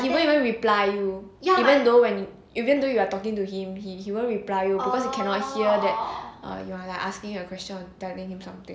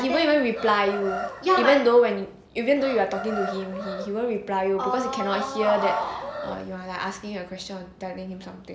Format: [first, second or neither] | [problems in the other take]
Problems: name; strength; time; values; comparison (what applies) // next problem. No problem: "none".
first | background sound (Chicken, rooster); 11 dB below the speech